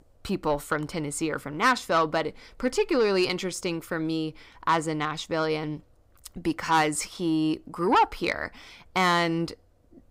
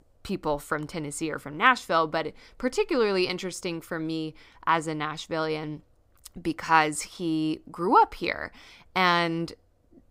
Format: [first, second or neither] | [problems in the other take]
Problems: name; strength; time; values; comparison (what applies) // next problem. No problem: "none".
second | distortion; slight; 10 dB below the speech